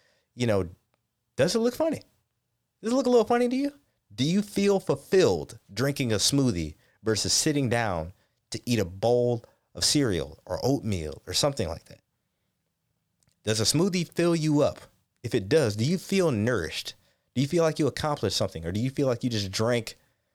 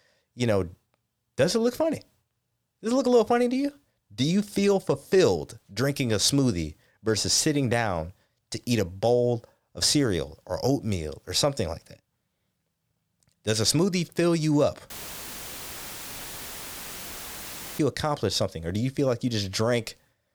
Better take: first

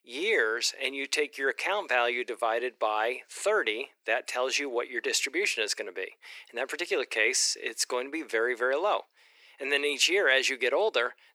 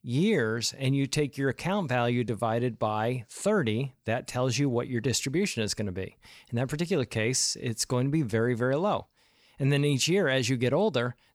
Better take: second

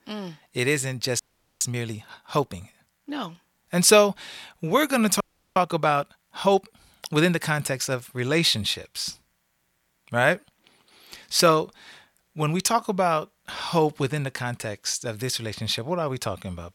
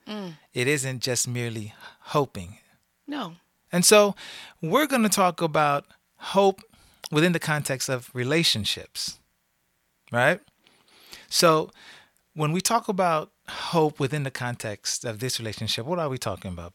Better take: second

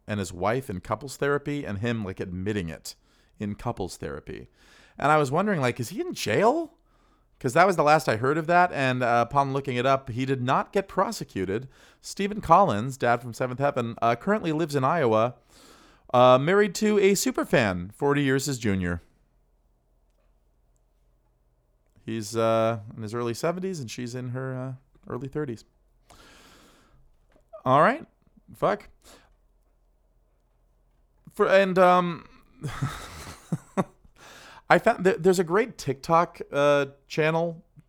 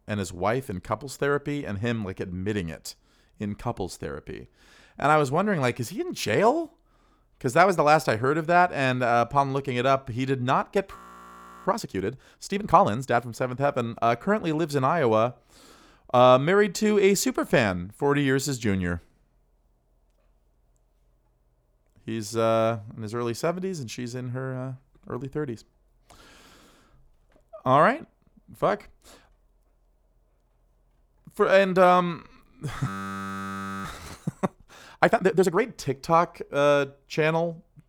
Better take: first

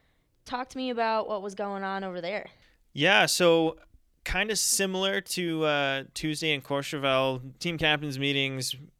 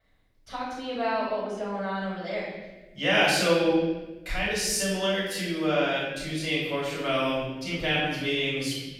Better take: first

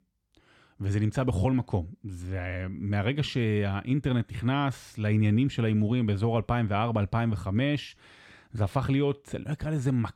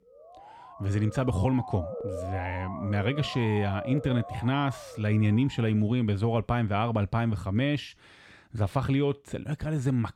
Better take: first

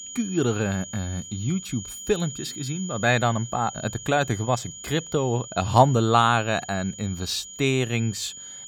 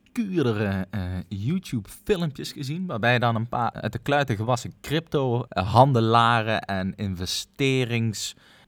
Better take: second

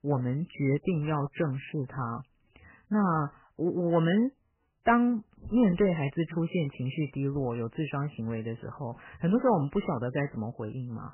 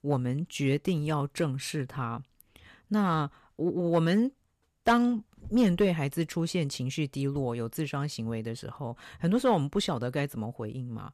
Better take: second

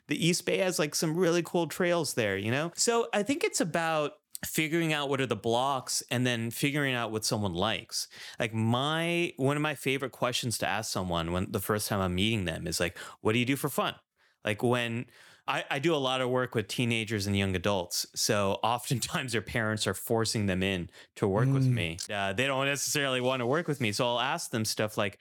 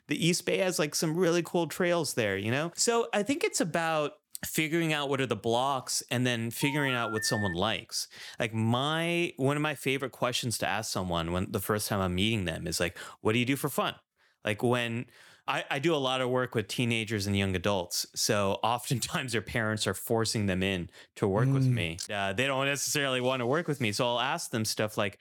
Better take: first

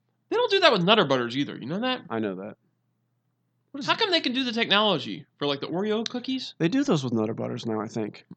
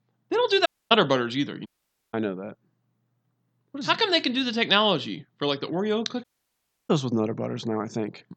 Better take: first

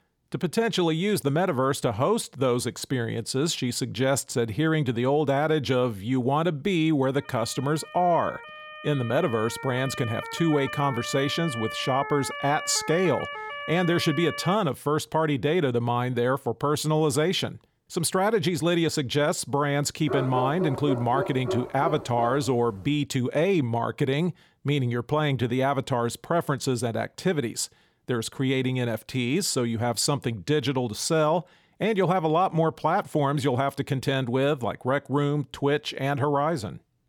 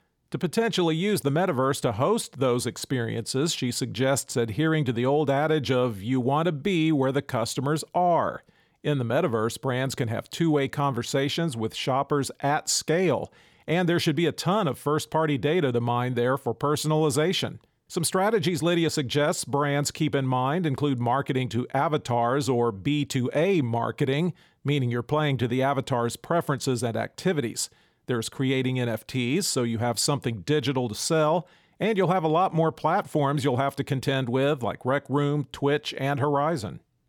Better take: second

